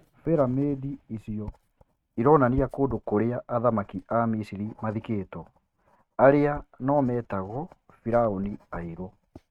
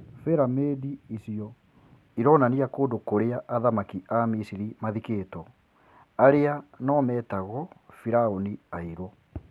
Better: second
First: noise reduction (neural mask model RNNoise)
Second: none

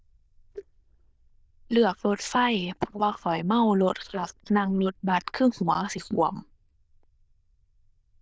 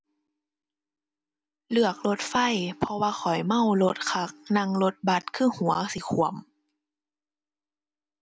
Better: second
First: noise reduction (neural diffusion model UNIVERSE++)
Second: none

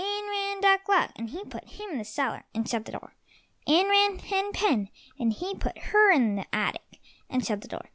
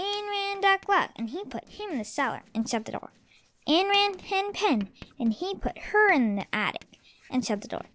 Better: first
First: none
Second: noise reduction (neural separator model SepFormer DNS4)

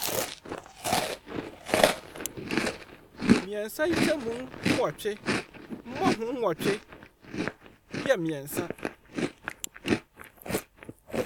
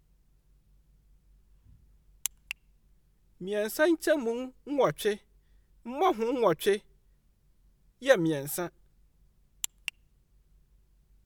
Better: second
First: background sound (Chewing, mastication); 3 dB above the speech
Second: none

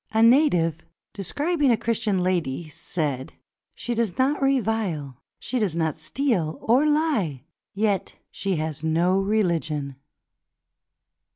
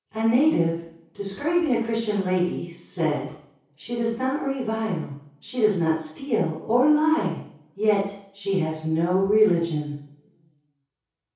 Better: first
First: none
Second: room echo; dies away in 0.6 s

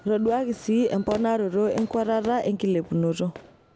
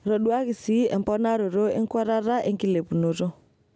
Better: second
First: background sound (Fireworks); 19 dB below the speech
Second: none

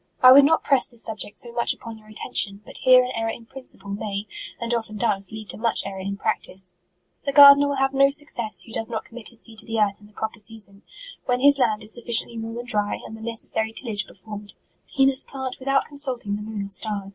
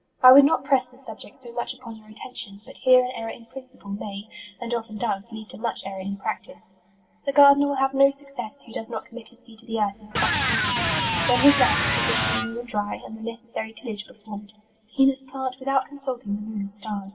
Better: first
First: none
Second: background sound (Electric guitar); as loud as the speech // room echo; dies away in 2.4 s

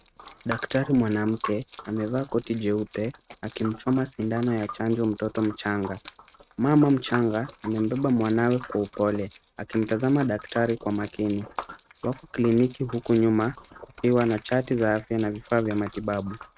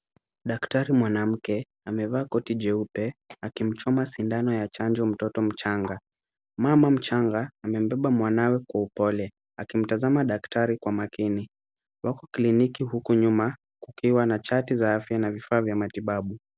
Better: second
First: noise reduction (neural mask model RNNoise)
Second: none

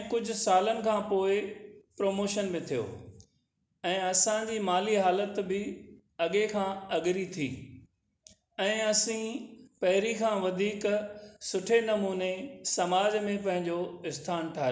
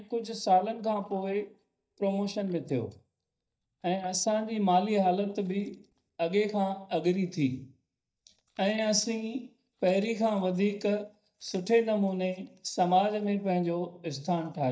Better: first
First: none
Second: noise reduction (neural mask model DeepFilterNet 3)

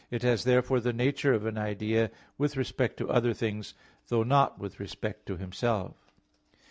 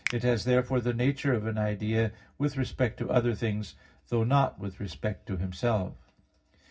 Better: first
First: none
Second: background sound (Finger snapping); 15 dB below the speech // room echo; dies away in 0.4 s

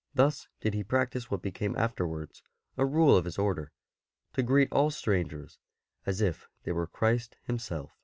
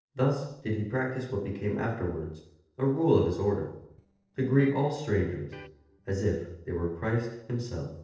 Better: first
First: none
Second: noise reduction (neural separator model SepFormer DNS4)

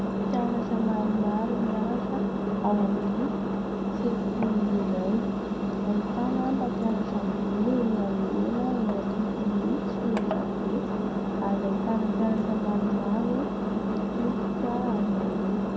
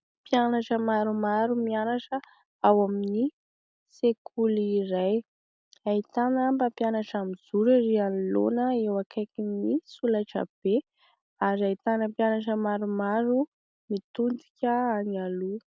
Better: second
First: background sound (Engine); 2 dB above the speech // room echo; dies away in 0.2 s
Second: none

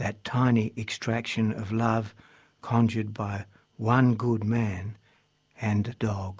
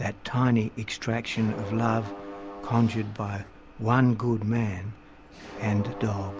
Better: first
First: none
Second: background sound (Mechanisms); 14 dB below the speech

